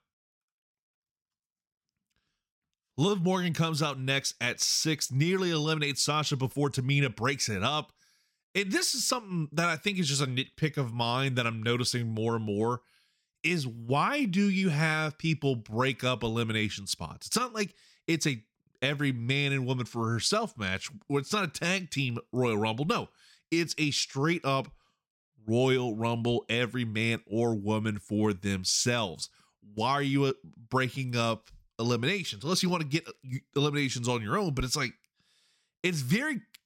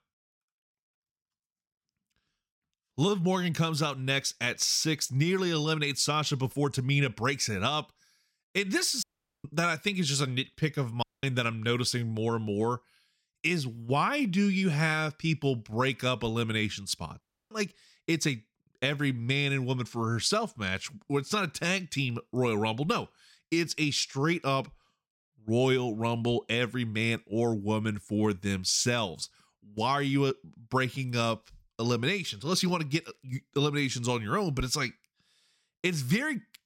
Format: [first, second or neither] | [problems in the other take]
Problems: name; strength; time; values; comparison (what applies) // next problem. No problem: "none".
first | audio cutting out; at 9 s, at 11 s and at 17 s